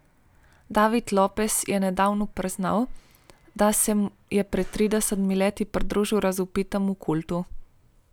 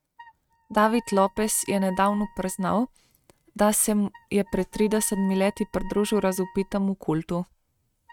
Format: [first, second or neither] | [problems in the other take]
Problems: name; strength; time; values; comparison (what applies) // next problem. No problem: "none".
first | noise reduction (neural mask model RNNoise)